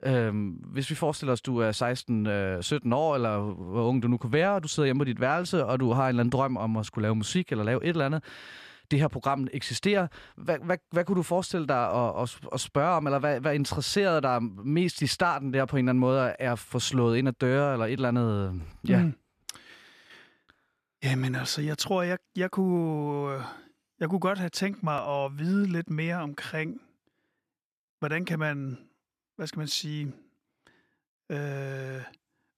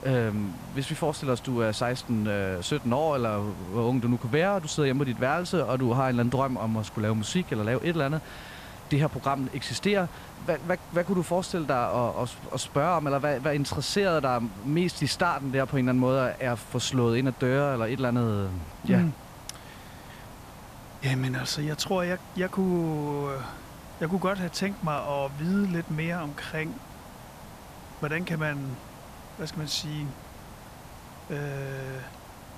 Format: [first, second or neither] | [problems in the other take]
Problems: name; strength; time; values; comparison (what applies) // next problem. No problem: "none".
first | hiss; noticeable; throughout; 15 dB below the speech